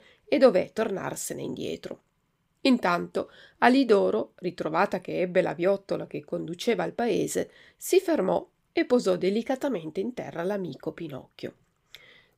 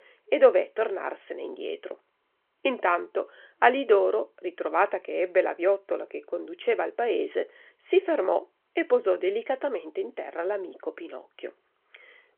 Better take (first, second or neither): first